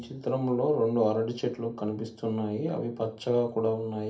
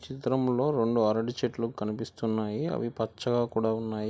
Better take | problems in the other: second | room echo; dies away in 0.3 s

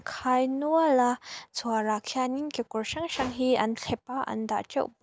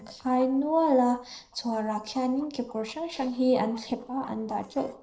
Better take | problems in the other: first | noise reduction (neural separator model SepFormer DNS4)

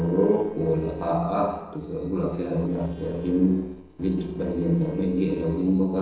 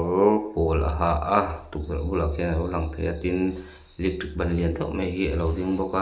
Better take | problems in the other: second | noise reduction (neural separator model SepFormer DNS4)

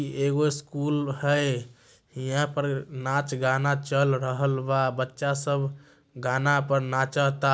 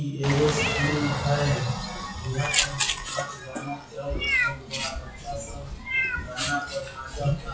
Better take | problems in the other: first | noise reduction (classical method WPE with log-MMSE)

